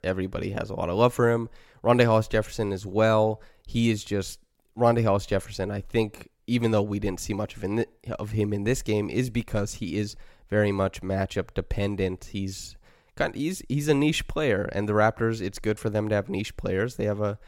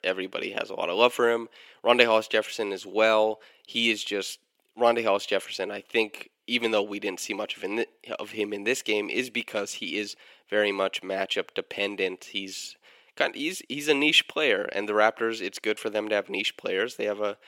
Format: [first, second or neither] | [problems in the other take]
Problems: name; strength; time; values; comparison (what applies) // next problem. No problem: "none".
first | thin; somewhat; fading below 300 Hz